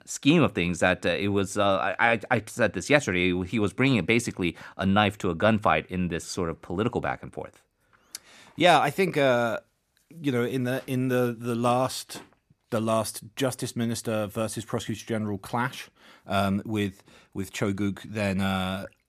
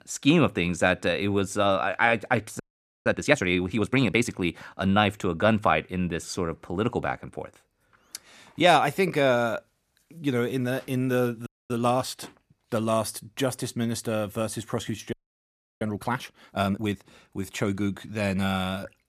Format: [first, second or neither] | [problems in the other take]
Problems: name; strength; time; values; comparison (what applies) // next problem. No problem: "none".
first | audio freezing; at 2.5 s, at 11 s and at 15 s for 0.5 s